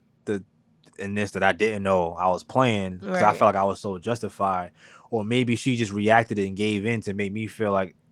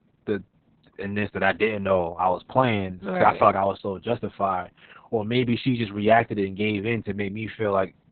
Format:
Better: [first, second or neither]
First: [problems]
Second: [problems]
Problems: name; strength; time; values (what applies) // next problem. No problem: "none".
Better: first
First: garbled, watery; slightly; nothing above 17.5 kHz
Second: garbled, watery; badly; nothing above 4 kHz